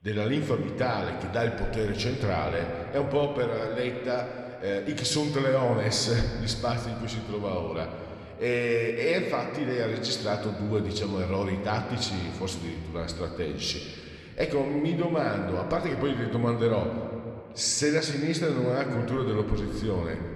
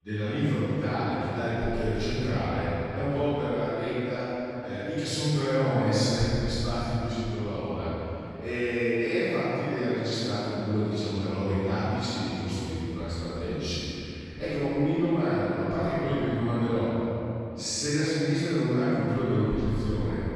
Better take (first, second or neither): first